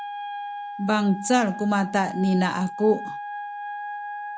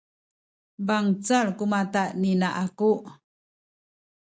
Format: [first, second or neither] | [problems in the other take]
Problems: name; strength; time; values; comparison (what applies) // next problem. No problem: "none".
second | background sound (Wind instrument, woodwind instrument); 9 dB below the speech